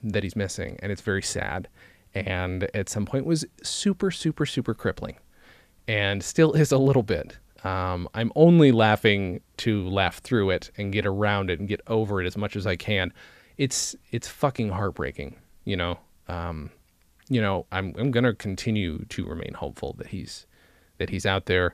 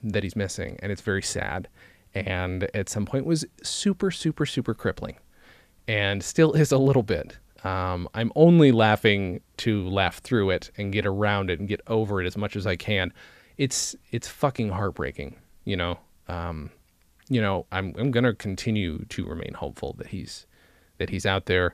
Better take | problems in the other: neither | none

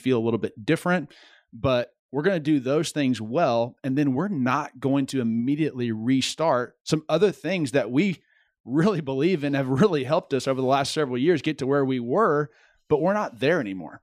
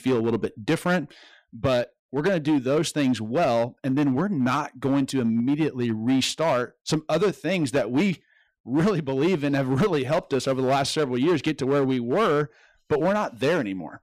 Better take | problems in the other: first | distortion; slight; 9% of the sound clipped

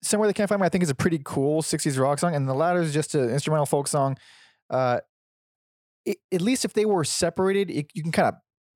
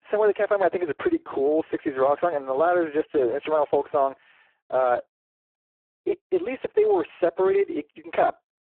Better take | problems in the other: first | phone-call audio; poor line

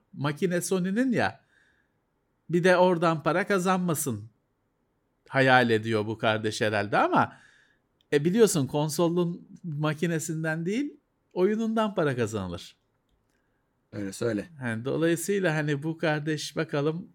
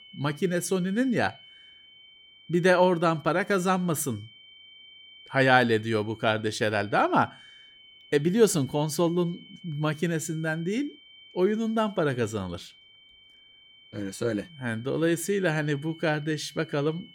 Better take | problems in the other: first | high-pitched whine; faint; throughout; 3 kHz, 25 dB below the speech

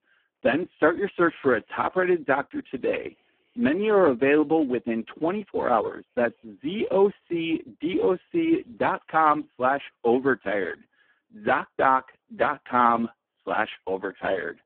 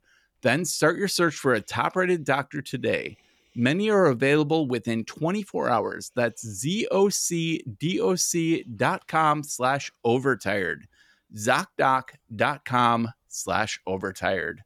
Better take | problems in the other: second | phone-call audio; poor line

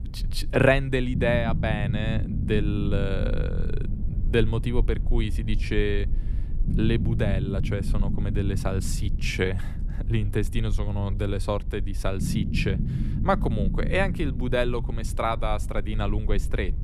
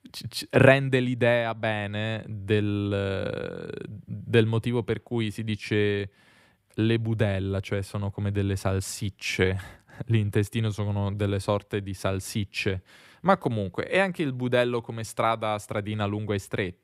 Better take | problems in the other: second | low rumble; noticeable; throughout; 15 dB below the speech

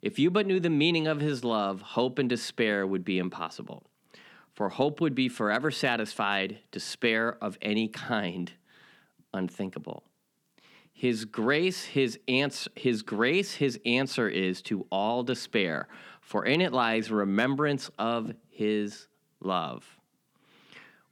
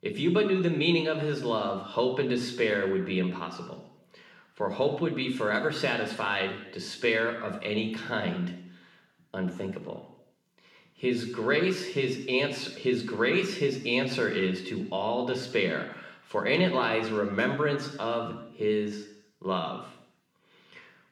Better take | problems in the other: first | room echo; slight; dies away in 0.8 s // off-mic speech; somewhat distant

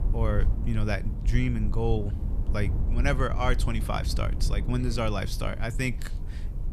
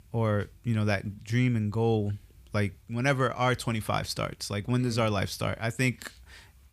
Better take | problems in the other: second | low rumble; noticeable; throughout; 15 dB below the speech

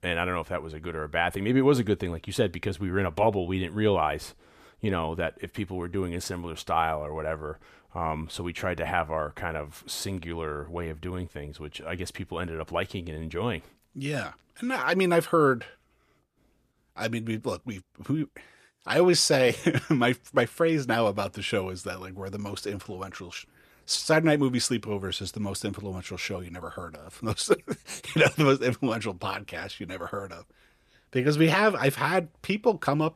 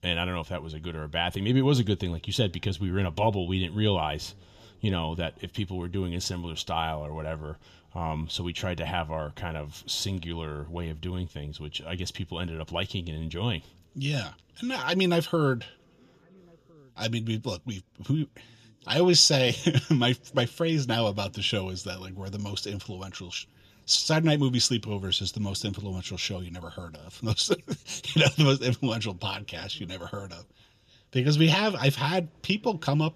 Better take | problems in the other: first | room echo; very slight; dies away in 3 s

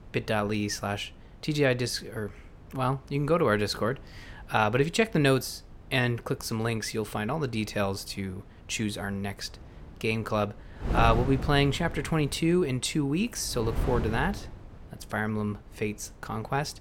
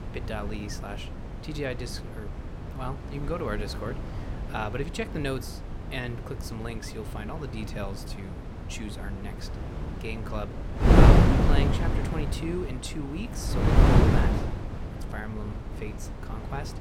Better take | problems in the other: first | wind noise on the microphone; heavy; 4 dB above the speech; occasional gusts in the first

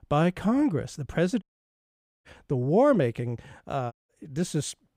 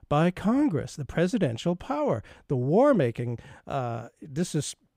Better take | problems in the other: second | audio cutting out; at 1.5 s for 1 s and at 4 s

